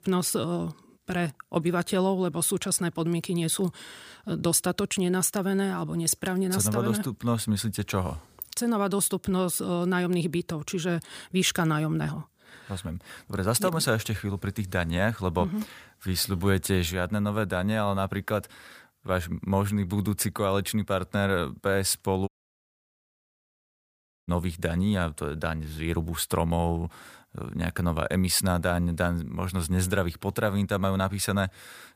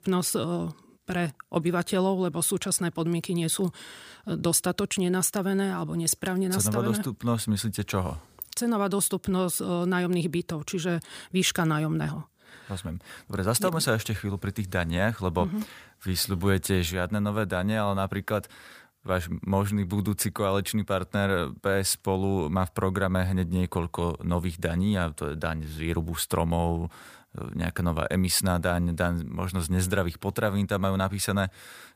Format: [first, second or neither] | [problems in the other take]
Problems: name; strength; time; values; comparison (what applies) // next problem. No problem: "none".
second | audio cutting out; at 22 s for 2 s